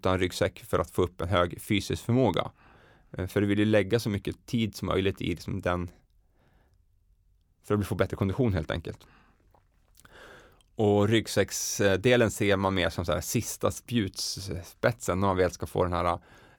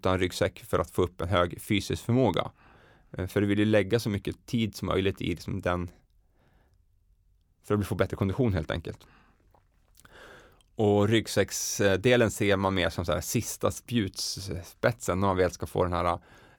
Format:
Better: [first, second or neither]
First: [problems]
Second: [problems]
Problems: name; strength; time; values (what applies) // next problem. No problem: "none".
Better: neither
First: none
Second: none